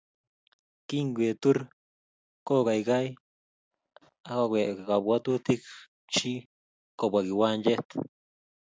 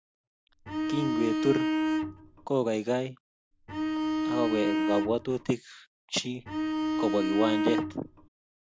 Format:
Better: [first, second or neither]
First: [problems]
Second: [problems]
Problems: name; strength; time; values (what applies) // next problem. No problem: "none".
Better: first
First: none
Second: background sound (Bowed string instrument); 2 dB above the speech